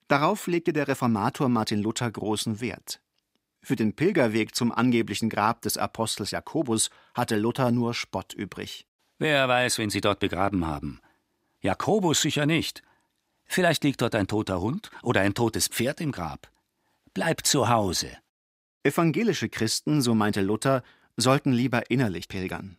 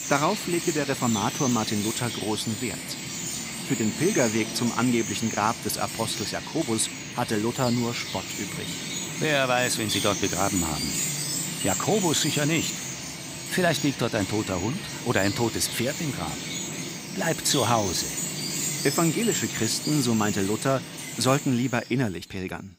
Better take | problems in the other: first | animal sounds; loud; throughout; 4 dB below the speech

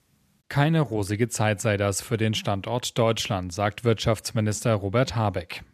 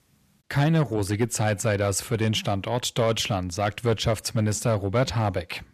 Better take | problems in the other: first | distortion; slight; 10 dB below the speech

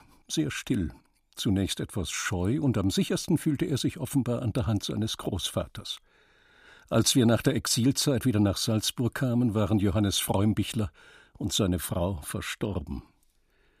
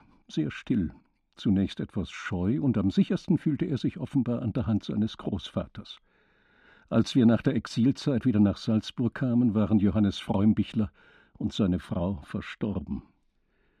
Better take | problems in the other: first | muffled; slightly; fading above 3 kHz

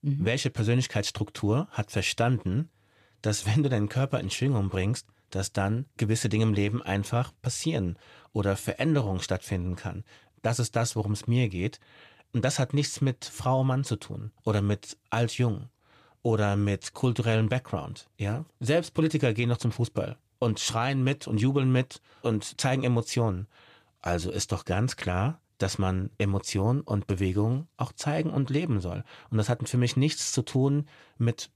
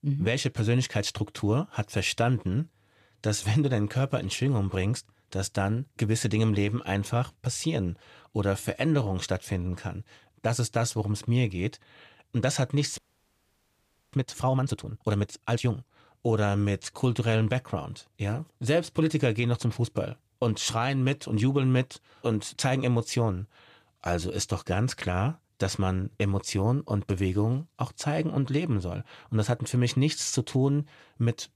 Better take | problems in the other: first | audio freezing; at 13 s for 1 s

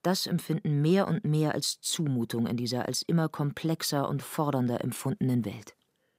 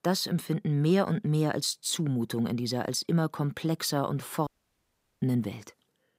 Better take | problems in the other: first | audio cutting out; at 4.5 s for 1 s

